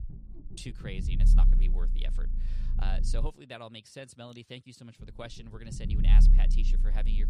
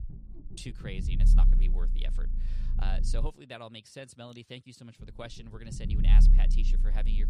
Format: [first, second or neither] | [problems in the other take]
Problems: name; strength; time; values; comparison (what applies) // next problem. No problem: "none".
neither | low rumble; loud; until 3.5 s and from 5 s on; 6 dB below the speech; the same in both